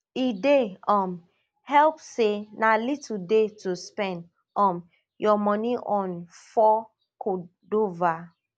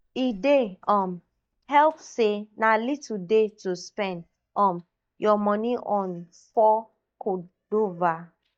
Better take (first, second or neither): first